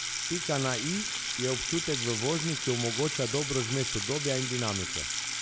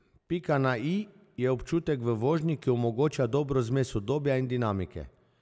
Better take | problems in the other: second | background sound (Sink (filling or washing) / Water tap, faucet); 1 dB below the speech

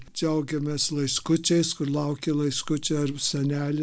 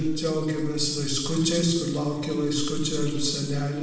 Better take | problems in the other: first | room echo; dies away in 1.1 s

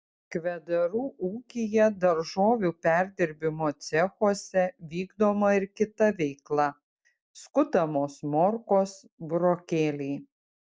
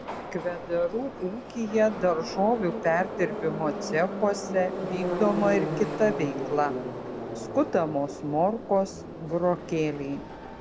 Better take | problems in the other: first | background sound (Subway, metro, underground); 6 dB below the speech

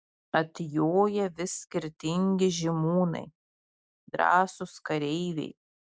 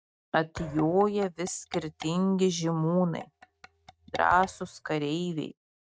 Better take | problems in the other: first | noise reduction (neural mask model RNNoise)

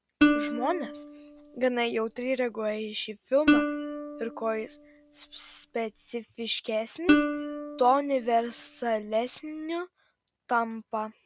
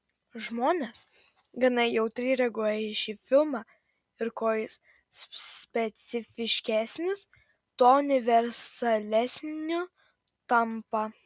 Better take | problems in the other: second | background sound (Plucked string instrument); as loud as the speech

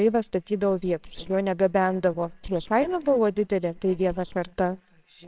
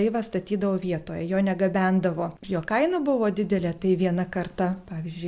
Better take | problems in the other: second | noise reduction (neural separator model SepFormer WHAMR!)

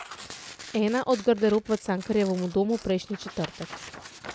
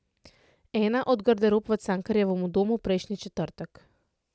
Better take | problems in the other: second | background sound (Tearing); 16 dB below the speech

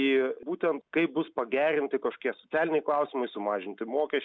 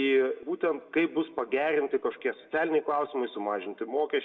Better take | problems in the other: first | room echo; dies away in 1.3 s

